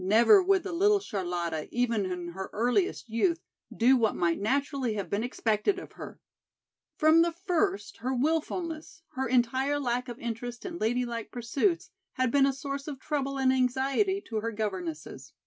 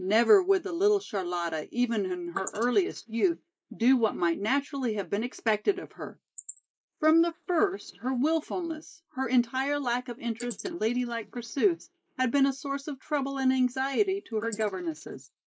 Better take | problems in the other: first | noise reduction (neural mask model Resemble Enhance denoiser)

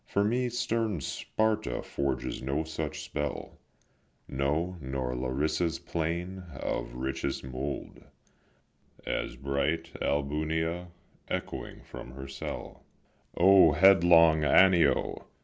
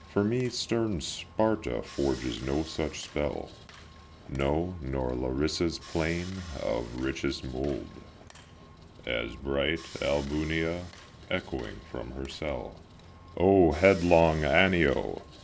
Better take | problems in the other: first | background sound (Sawing); 19 dB below the speech

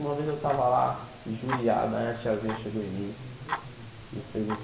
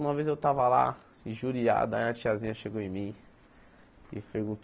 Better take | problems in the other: second | background sound (Tick-tock); 10 dB below the speech // room echo; dies away in 0.8 s

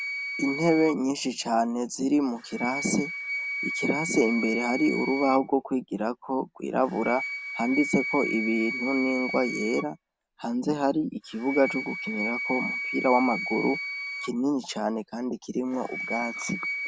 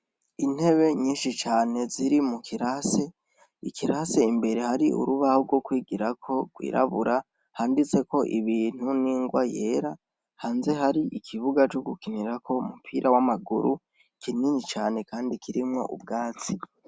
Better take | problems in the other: second | background sound (Wind instrument, woodwind instrument); 7 dB below the speech

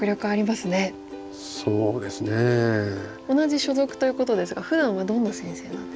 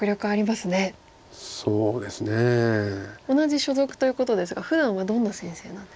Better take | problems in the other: second | background sound (Plucked string instrument); 13 dB below the speech

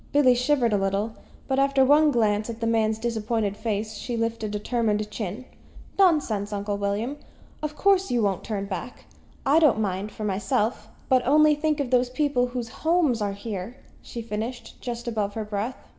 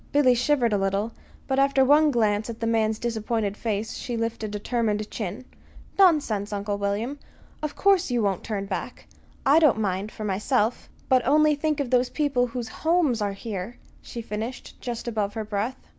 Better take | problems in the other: second | room echo; dies away in 0.9 s

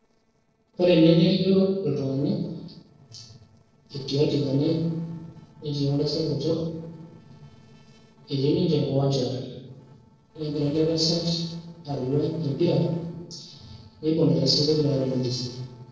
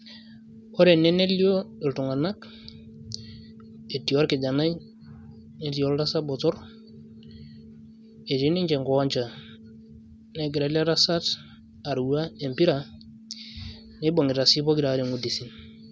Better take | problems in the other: second | noise reduction (neural separator model SepFormer DNS4)

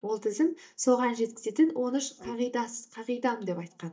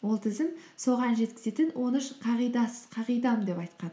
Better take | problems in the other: second | noise reduction (neural mask model DeepFilterNet 3)

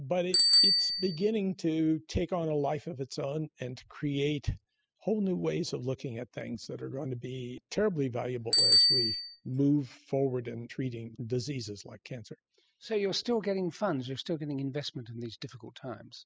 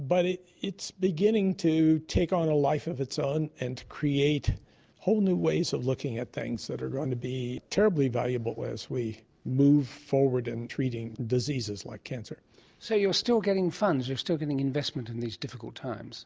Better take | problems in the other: second | noise reduction (classical method spectral subtraction)

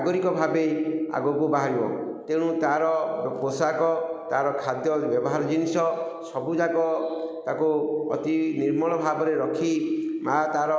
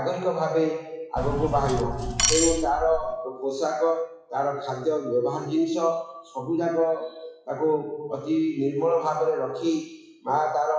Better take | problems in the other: first | noise reduction (classical method WPE with log-MMSE)

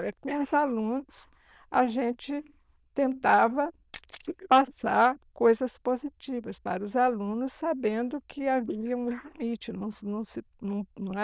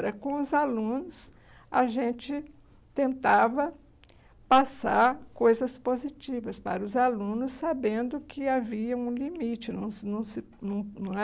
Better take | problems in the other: second | noise reduction (neural diffusion model UNIVERSE++)

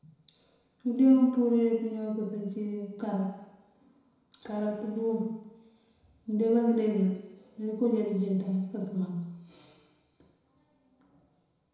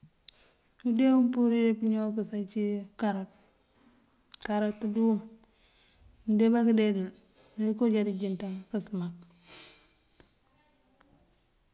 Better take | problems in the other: second | room echo; dies away in 1 s

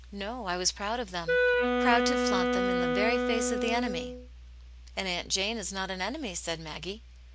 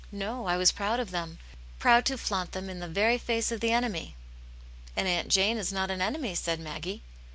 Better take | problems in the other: second | background sound (Wind instrument, woodwind instrument); 5 dB above the speech

